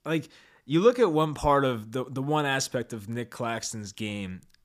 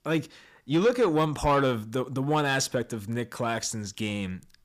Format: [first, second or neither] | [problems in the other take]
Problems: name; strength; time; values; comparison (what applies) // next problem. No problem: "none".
first | distortion; slight; 10 dB below the speech